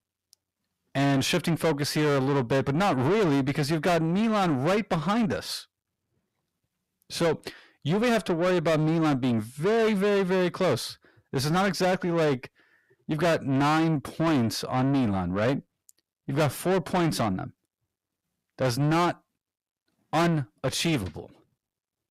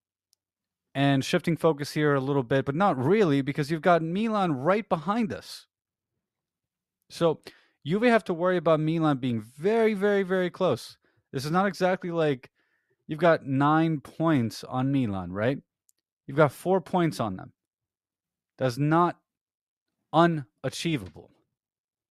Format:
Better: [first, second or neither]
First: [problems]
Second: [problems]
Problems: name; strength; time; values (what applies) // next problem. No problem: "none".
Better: second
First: distortion; heavy; 6 dB below the speech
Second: none